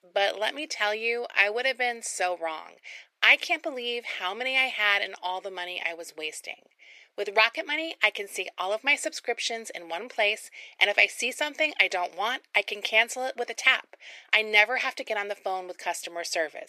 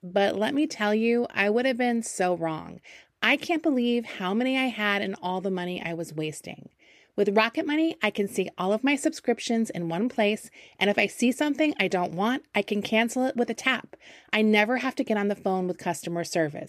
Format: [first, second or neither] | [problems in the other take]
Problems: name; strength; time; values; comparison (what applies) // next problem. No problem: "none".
second | thin; very; fading below 550 Hz